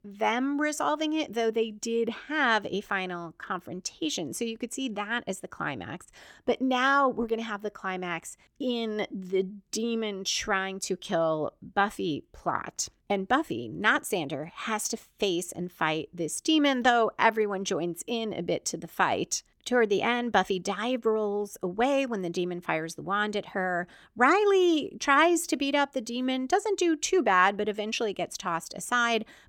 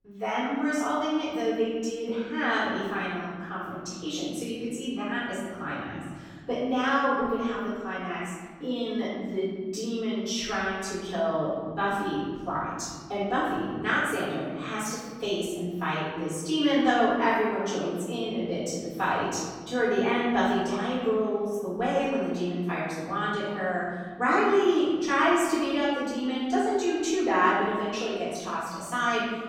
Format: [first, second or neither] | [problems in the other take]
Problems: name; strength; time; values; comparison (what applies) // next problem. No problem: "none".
first | room echo; strong; dies away in 1.9 s // off-mic speech; far